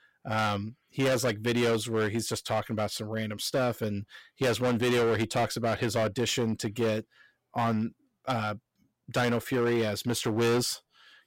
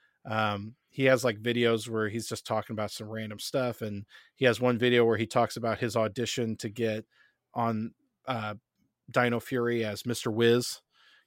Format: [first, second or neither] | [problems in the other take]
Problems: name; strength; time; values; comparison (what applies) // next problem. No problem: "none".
second | distortion; heavy; 12% of the sound clipped